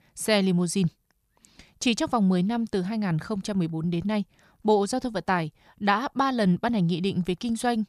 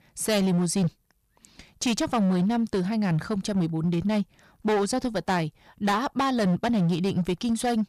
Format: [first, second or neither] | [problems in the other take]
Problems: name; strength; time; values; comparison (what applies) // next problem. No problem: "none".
first | distortion; slight; 13% of the sound clipped